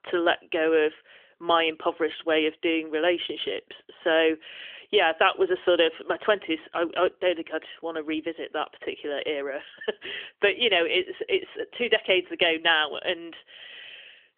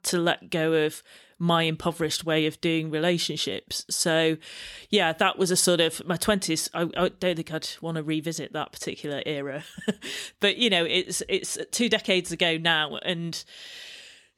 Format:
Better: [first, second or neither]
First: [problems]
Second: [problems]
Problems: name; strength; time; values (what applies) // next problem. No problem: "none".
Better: second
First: phone-call audio; nothing above 3.5 kHz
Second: none